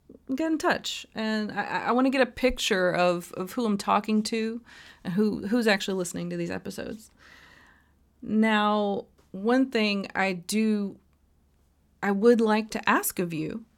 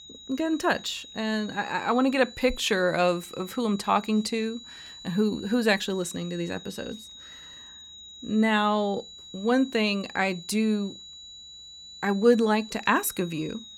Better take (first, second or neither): first